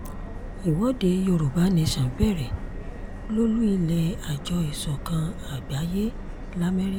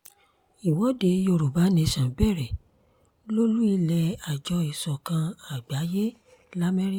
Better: second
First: background sound (Subway, metro, underground); 9 dB below the speech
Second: none

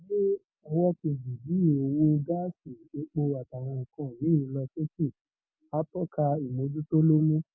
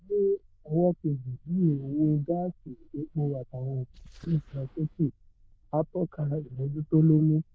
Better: first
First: none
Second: noise reduction (neural diffusion model UNIVERSE++)

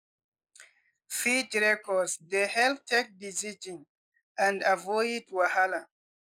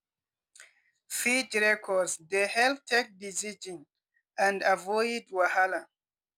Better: second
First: noise reduction (neural mask model Resemble Enhance denoiser)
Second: none

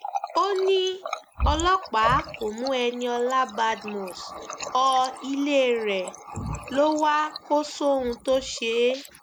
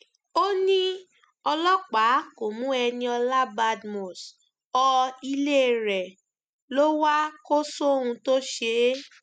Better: second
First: background sound (Water tap, faucet); 10 dB below the speech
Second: none

